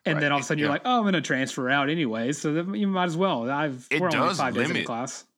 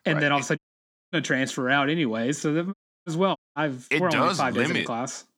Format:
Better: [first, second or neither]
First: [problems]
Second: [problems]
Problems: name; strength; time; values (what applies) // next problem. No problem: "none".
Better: first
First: none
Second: audio cutting out; at 0.5 s for 0.5 s, at 2.5 s and at 3.5 s